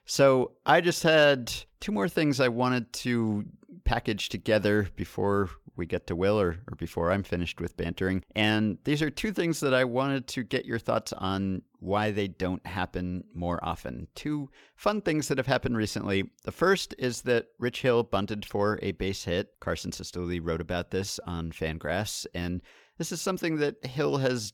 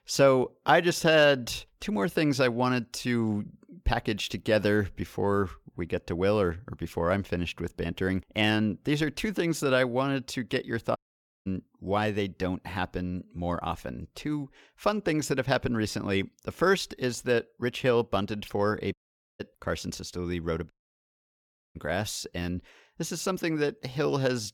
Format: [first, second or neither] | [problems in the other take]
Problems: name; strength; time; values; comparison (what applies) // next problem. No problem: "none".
first | audio cutting out; at 11 s, at 19 s and at 21 s for 1 s